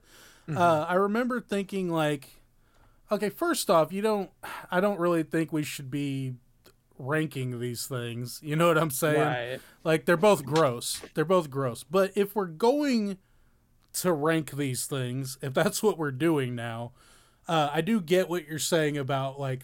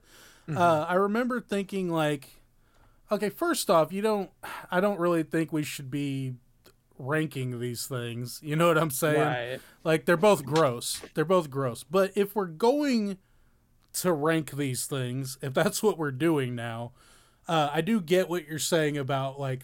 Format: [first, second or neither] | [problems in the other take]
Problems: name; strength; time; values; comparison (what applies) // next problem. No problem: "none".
neither | none